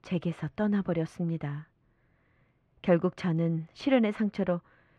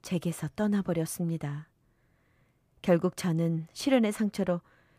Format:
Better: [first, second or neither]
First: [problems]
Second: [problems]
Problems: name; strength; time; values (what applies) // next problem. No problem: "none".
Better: second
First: muffled; slightly; fading above 2.5 kHz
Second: none